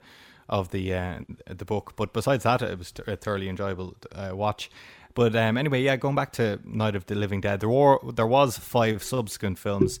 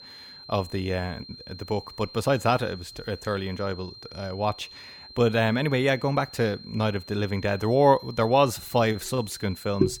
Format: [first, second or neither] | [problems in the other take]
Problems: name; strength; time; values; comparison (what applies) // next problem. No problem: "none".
first | high-pitched whine; noticeable; throughout; 4 kHz, 15 dB below the speech